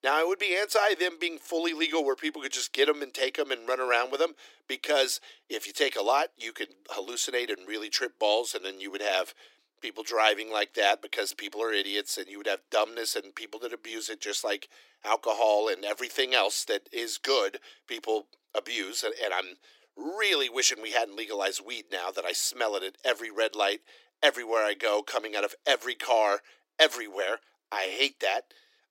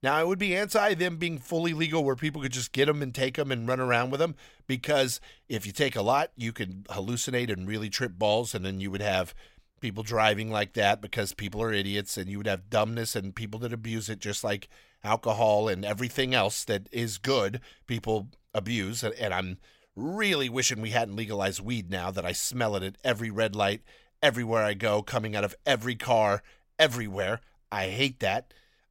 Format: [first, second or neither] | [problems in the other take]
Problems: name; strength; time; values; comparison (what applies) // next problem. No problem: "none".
second | thin; very; fading below 300 Hz